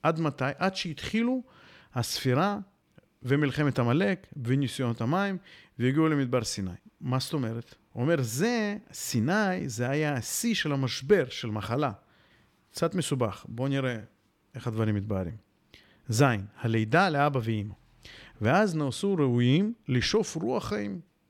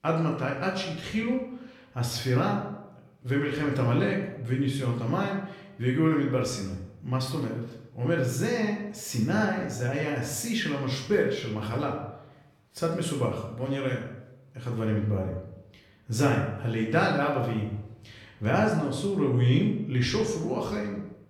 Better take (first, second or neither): first